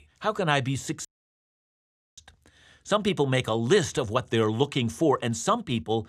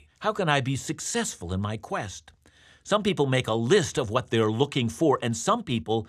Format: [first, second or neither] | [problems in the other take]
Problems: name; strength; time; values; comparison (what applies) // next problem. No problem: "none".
second | audio cutting out; at 1 s for 1 s